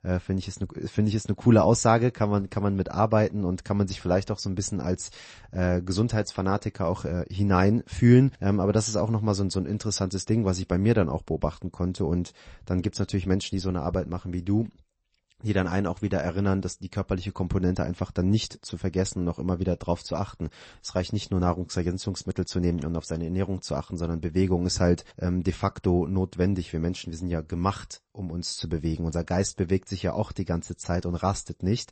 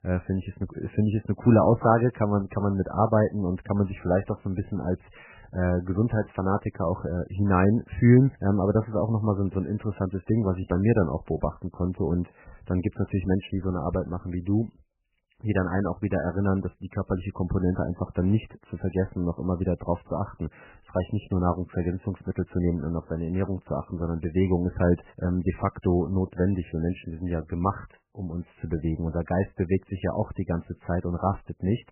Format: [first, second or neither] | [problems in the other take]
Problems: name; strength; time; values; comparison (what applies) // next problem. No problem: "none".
first | garbled, watery; badly; nothing above 3 kHz; slightly in the first